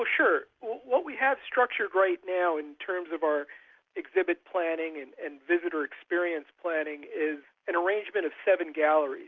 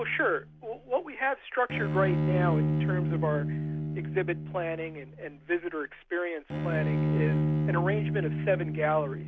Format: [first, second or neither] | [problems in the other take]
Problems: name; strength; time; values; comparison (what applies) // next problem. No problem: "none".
first | background sound (Bowed string instrument); 1 dB above the speech